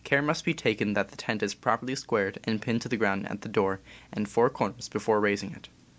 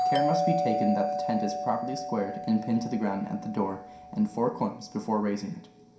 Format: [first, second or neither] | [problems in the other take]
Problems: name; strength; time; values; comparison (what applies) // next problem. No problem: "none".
first | background sound (Doorbell); 2 dB below the speech // room echo; dies away in 0.5 s